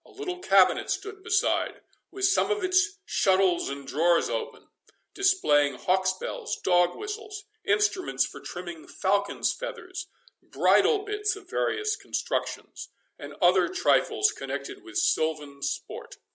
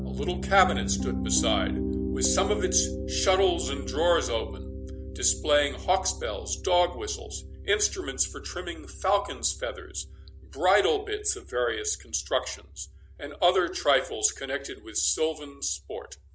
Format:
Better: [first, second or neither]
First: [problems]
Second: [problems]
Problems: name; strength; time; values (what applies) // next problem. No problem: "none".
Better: first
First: none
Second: background sound (Piano); 7 dB below the speech